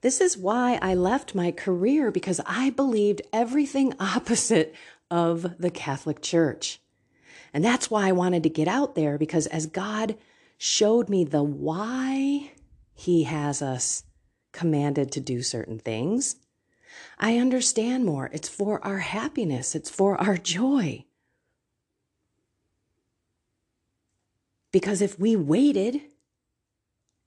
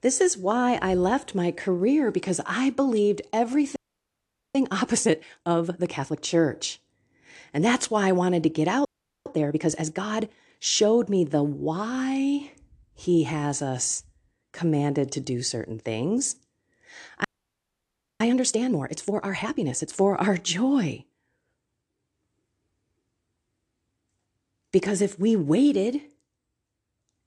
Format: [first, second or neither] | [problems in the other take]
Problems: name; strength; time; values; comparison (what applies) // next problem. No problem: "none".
first | audio freezing; at 4 s for 1 s, at 9 s and at 17 s for 1 s